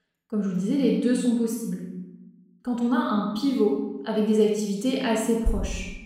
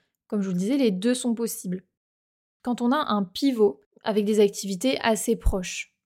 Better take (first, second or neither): second